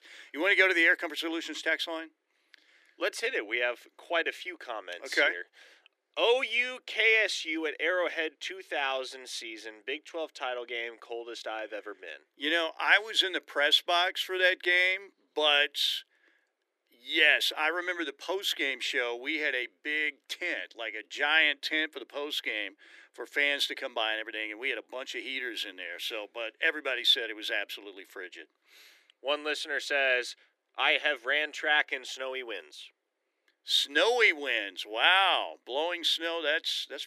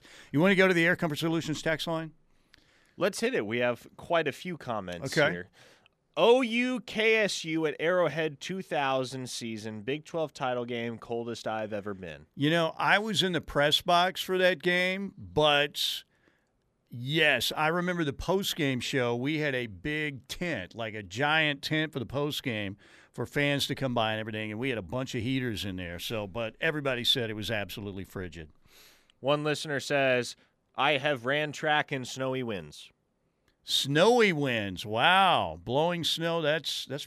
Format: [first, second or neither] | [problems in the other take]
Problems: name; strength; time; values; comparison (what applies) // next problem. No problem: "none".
second | thin; very; fading below 300 Hz